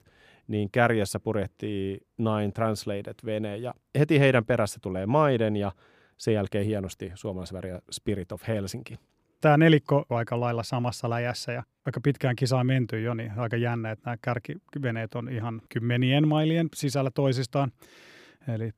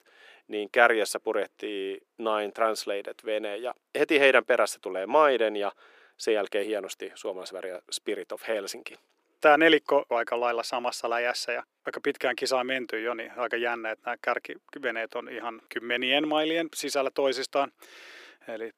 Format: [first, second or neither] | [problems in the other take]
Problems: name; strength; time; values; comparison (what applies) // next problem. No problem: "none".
first | thin; very; fading below 350 Hz